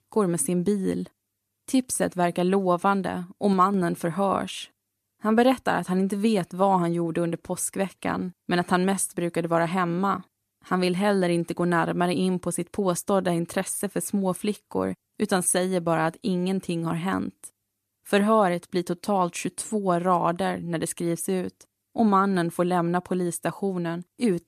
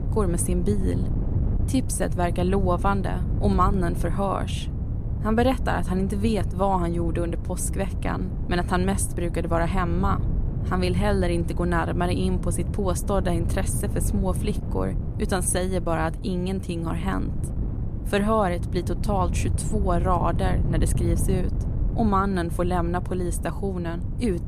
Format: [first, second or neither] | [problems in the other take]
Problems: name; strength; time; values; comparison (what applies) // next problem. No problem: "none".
first | wind noise on the microphone; occasional gusts; 15 dB below the speech